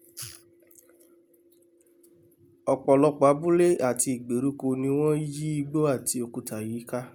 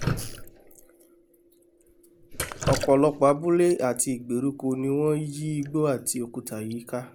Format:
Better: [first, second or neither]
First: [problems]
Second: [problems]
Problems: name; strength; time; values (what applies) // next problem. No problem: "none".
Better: first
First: none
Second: background sound (Drip); 10 dB below the speech